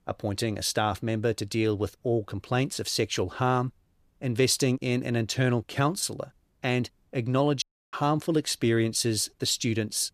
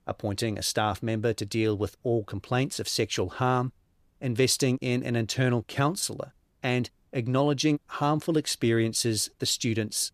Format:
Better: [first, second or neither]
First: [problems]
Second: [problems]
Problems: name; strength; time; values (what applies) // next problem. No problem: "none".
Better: second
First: audio cutting out; at 7.5 s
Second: none